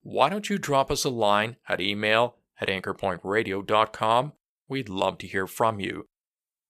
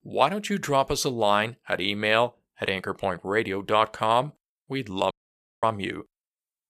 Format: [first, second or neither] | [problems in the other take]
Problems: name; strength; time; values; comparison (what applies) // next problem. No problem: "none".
first | audio cutting out; at 5 s for 0.5 s